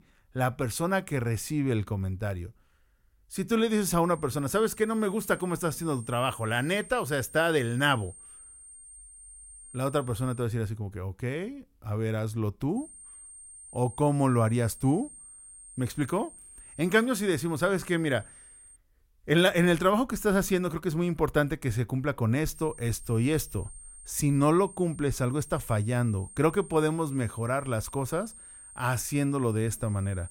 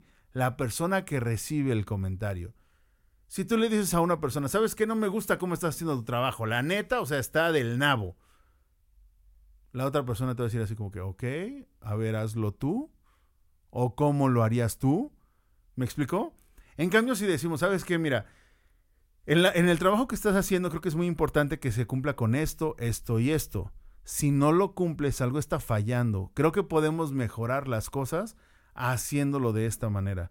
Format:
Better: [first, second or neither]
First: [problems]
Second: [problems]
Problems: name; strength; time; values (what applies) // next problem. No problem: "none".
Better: second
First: high-pitched whine; noticeable; from 4 to 10 s, from 13 to 19 s and from 23 s on; 8.5 kHz, 20 dB below the speech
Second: none